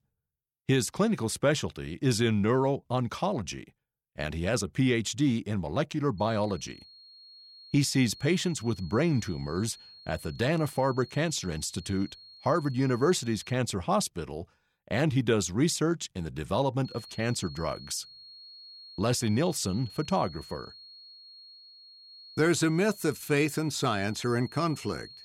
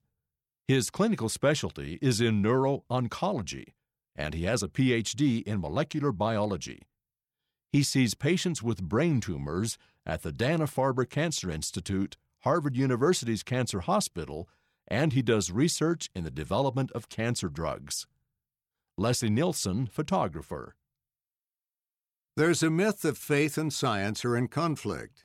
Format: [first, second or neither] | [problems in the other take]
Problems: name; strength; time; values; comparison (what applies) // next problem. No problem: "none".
second | high-pitched whine; noticeable; from 6 to 14 s and from 17 s on; 4.5 kHz, 20 dB below the speech